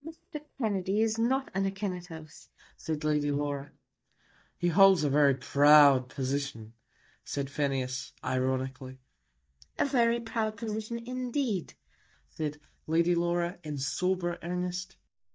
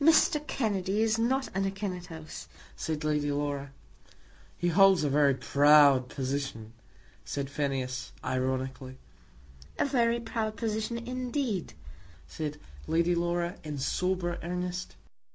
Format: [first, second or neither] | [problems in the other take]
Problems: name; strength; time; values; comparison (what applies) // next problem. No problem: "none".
second | noise reduction (neural mask model DeepFilterNet 3)